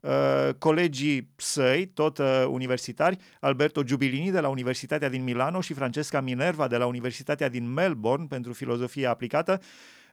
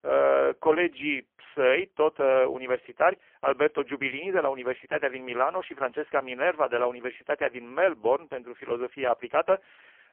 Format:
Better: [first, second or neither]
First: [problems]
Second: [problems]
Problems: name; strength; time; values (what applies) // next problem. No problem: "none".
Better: first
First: none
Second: phone-call audio; poor line; nothing above 3 kHz